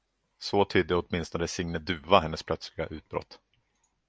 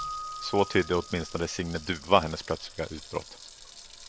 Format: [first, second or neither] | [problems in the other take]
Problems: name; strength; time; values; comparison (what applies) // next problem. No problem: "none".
first | background sound (Sink (filling or washing) / Water tap, faucet + Keyboard (musical)); 13 dB below the speech